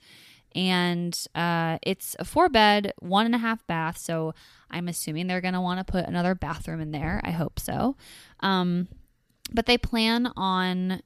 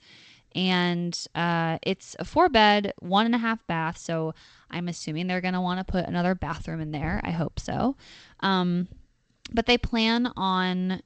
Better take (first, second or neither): first